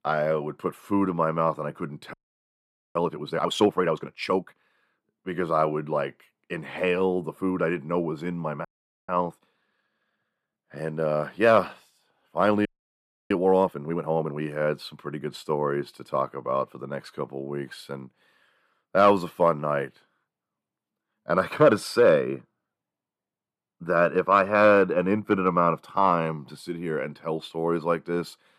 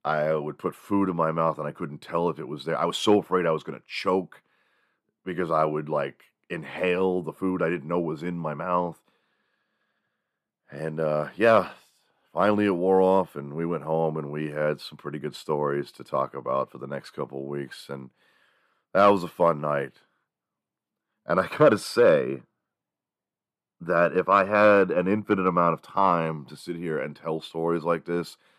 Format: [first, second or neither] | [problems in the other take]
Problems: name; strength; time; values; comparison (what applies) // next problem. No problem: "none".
second | audio freezing; at 2 s for 1 s, at 8.5 s and at 13 s for 0.5 s